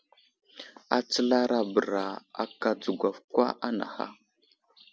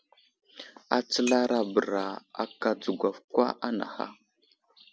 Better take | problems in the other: first | background sound (Shatter); 18 dB below the speech

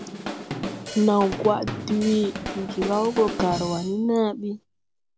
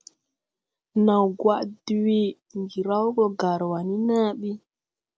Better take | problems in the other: second | background sound (Drum kit); 9 dB below the speech

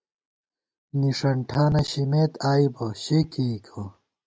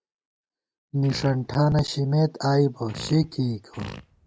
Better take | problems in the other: first | background sound (Fart); 15 dB below the speech

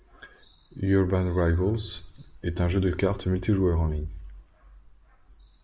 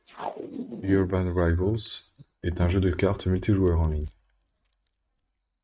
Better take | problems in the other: first | noise reduction (neural mask model RNNoise)

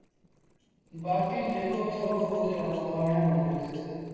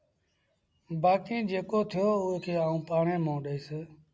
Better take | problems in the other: second | noise reduction (neural separator model SepFormer DNS4)

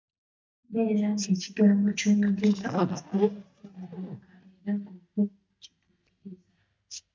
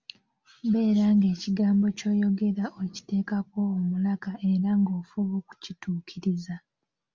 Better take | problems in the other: second | noise reduction (neural mask model DeepFilterNet 3)

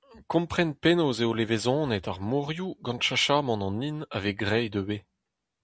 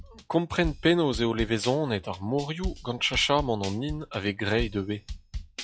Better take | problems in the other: first | noise reduction (classical method log-MMSE)

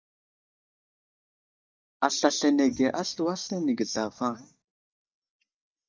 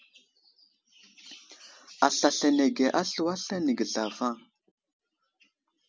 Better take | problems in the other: second | noise reduction (neural mask model DeepFilterNet 3)

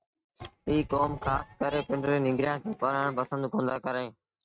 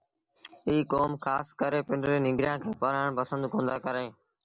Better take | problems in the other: second | noise reduction (neural mask model RNNoise)

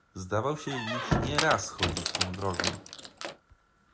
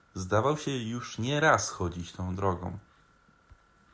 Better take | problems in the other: second | background sound (Squeak); 1 dB above the speech

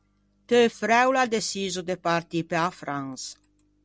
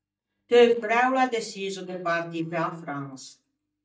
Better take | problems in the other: first | noise reduction (neural mask model DeepFilterNet 3)

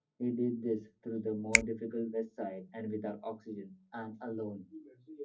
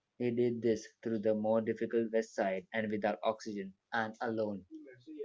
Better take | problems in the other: second | background sound (Finger snapping); 1 dB above the speech // room echo; dies away in 0.4 s

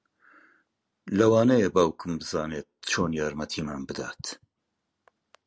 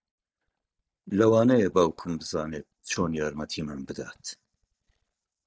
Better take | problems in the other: first | noise reduction (neural mask model DeepFilterNet 3)

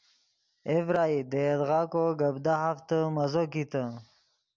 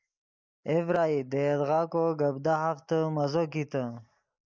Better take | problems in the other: first | noise reduction (neural mask model Resemble Enhance denoiser)

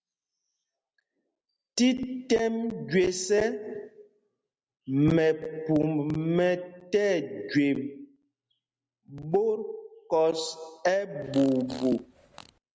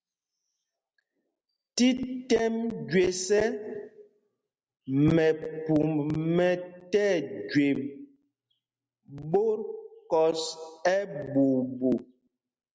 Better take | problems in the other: second | background sound (Fart); 17 dB below the speech

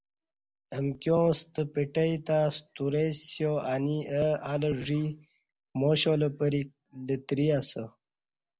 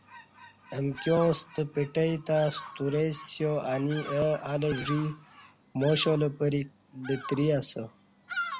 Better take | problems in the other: first | background sound (Bird vocalization, bird call, bird song); 14 dB below the speech

